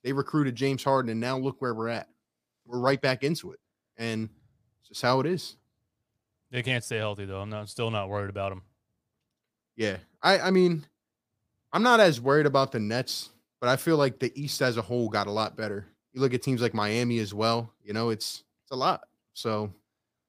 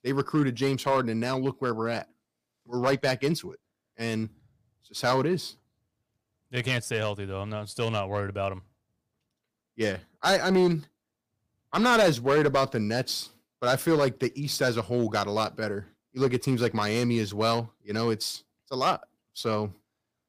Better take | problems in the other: first | distortion; slight; 2% of the sound clipped

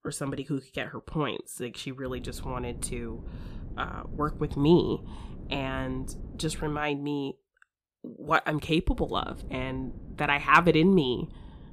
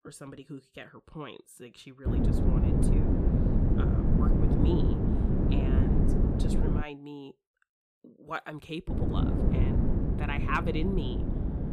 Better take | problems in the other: first | wind noise on the microphone; heavy; from 2 to 7 s and from 9 s on; 3 dB above the speech; occasional gusts in the first

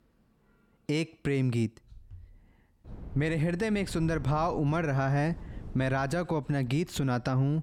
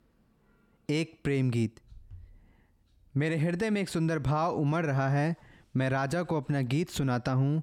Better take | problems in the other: second | wind noise on the microphone; occasional gusts; from 3 s on; 25 dB below the speech

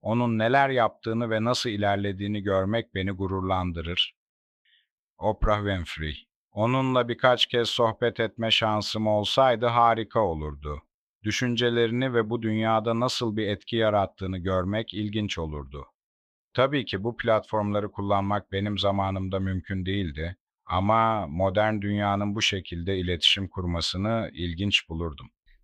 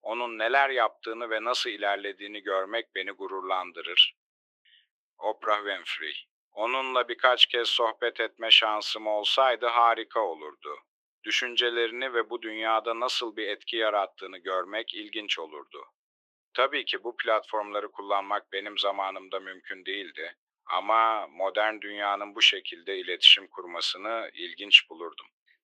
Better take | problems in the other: first | thin; very; fading below 350 Hz

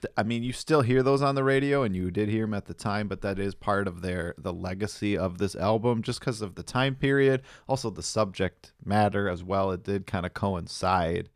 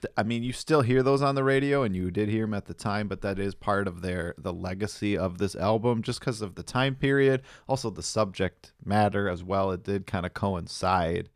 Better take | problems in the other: neither | none

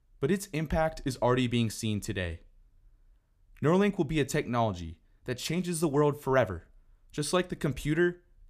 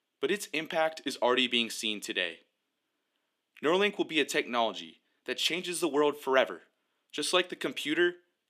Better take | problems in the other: first | thin; somewhat; fading below 250 Hz

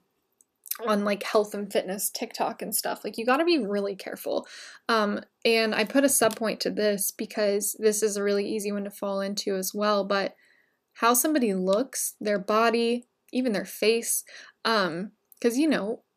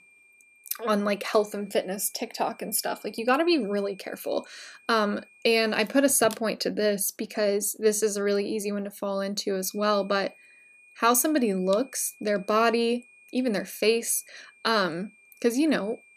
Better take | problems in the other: first | high-pitched whine; faint; until 6 s and from 9.5 s on; 2.5 kHz, 30 dB below the speech

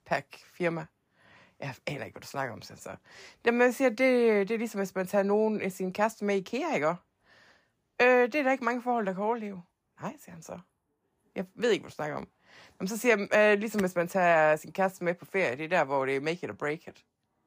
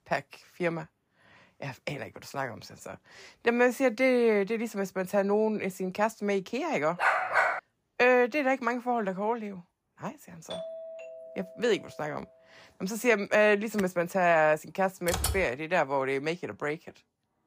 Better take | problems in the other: first | dog barking; loud; at 7 s; peak 3 dB above the speech // doorbell; faint; from 11 to 12 s; peak 10 dB below the speech // keyboard typing; noticeable; at 15 s; peak 2 dB below the speech

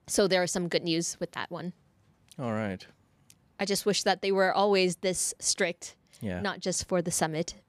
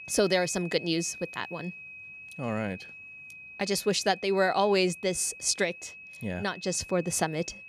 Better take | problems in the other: first | high-pitched whine; noticeable; throughout; 2.5 kHz, 15 dB below the speech

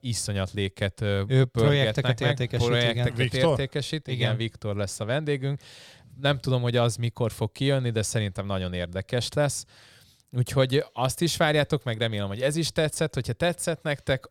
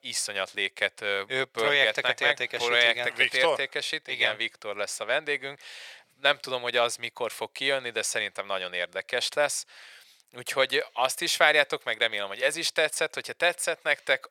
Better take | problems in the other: first | thin; very; fading below 650 Hz

